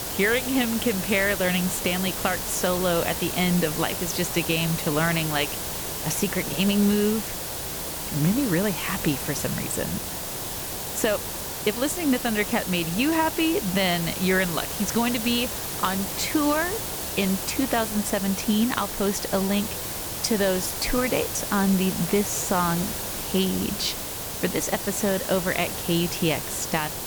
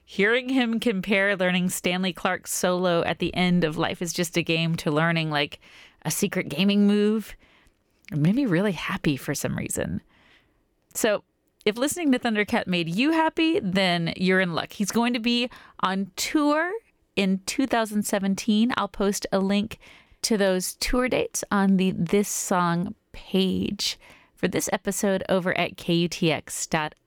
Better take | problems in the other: second | hiss; loud; throughout; 4 dB below the speech

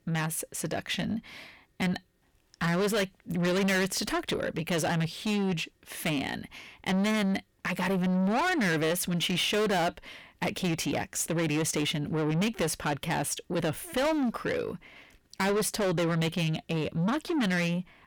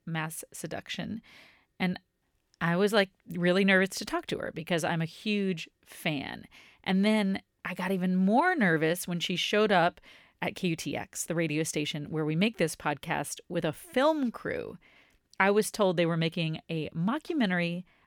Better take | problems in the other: second | distortion; heavy; 6 dB below the speech

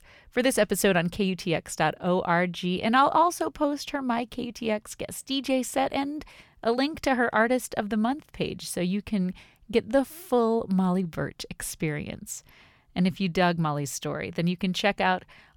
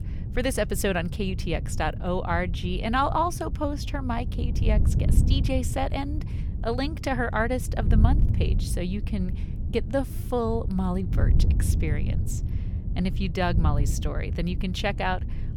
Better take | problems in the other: first | wind noise on the microphone; occasional gusts; 15 dB below the speech

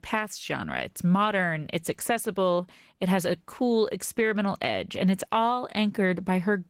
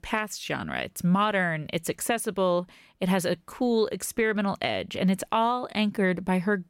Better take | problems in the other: second | garbled, watery; slightly; nothing above 16 kHz

